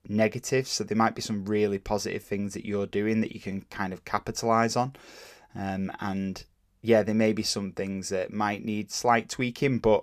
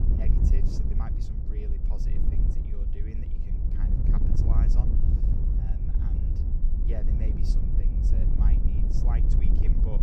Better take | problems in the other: first | wind noise on the microphone; heavy; 4 dB above the speech

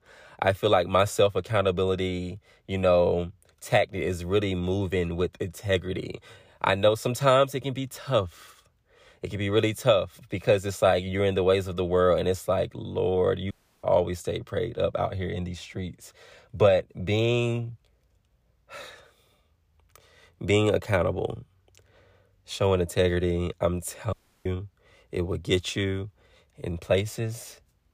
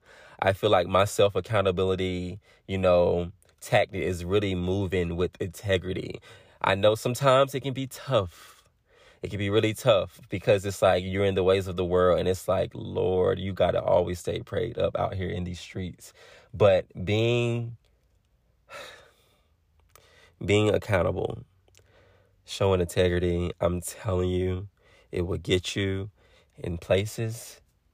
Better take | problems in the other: second | audio cutting out; at 14 s and at 24 s

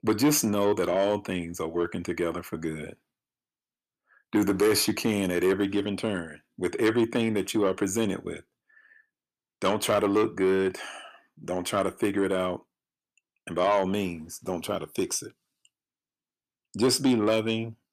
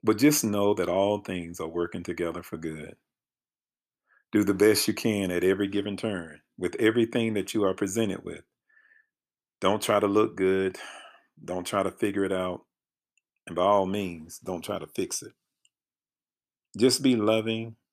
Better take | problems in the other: second | distortion; slight; 10 dB below the speech

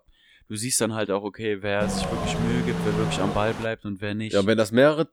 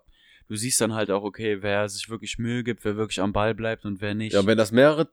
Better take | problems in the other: second | wind noise on the microphone; heavy; from 2 to 3.5 s; 5 dB below the speech

